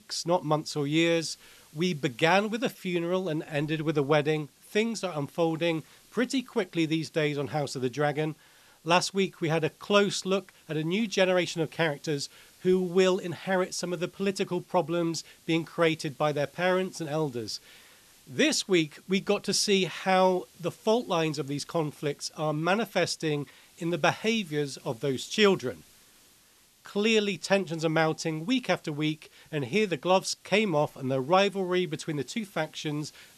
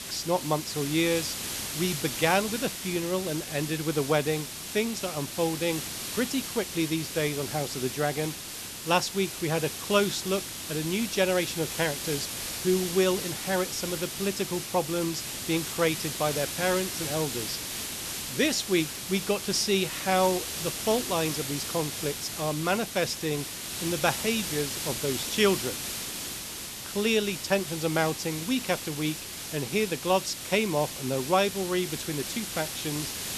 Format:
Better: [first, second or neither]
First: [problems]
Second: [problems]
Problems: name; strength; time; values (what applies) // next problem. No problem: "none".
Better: first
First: hiss; faint; throughout; 30 dB below the speech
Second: hiss; loud; throughout; 5 dB below the speech